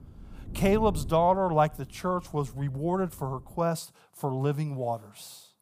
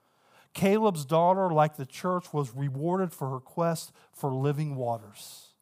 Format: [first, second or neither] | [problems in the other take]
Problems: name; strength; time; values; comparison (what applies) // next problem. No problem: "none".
second | wind noise on the microphone; occasional gusts; until 3.5 s; 25 dB below the speech